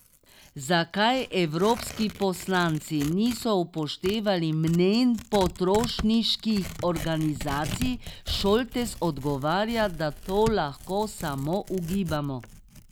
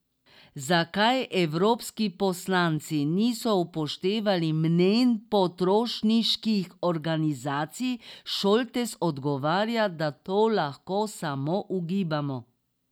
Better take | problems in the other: second | background sound (Tearing); 13 dB below the speech

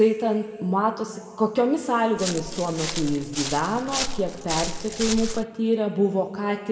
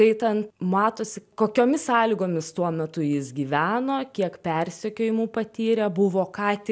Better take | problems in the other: second | background sound (Walk, footsteps); 6 dB below the speech // room echo; dies away in 1.7 s

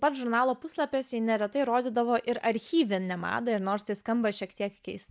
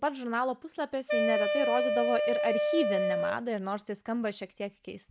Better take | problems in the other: first | background sound (Wind instrument, woodwind instrument); 3 dB above the speech

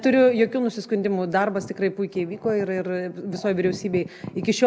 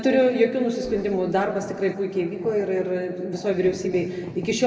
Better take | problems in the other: first | background sound (Organ); 17 dB below the speech // room echo; dies away in 1.9 s

